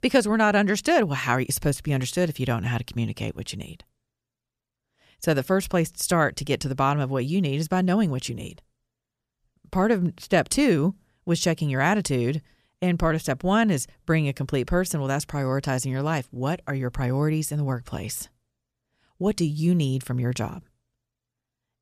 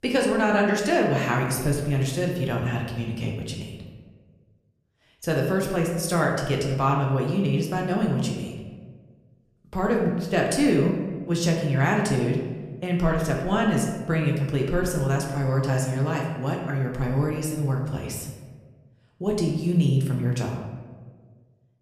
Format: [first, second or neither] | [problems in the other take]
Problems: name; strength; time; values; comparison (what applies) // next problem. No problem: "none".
first | room echo; noticeable; dies away in 1.1 s // off-mic speech; somewhat distant